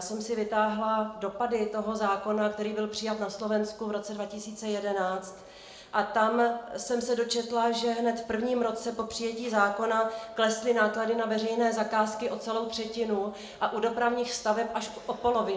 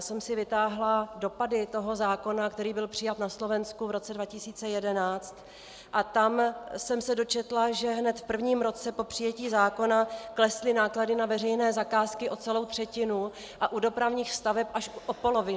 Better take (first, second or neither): second